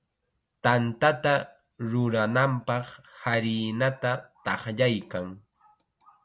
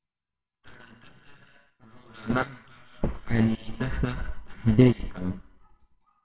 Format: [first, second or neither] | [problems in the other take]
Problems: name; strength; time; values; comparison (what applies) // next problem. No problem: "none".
first | noise reduction (neural separator model SepFormer WHAMR!)